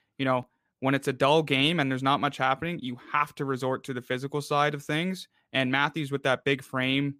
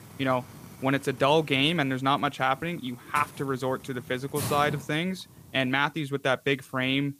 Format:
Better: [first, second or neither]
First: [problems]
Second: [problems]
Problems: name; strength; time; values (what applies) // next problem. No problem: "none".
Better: first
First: none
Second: hiss; noticeable; throughout; 15 dB below the speech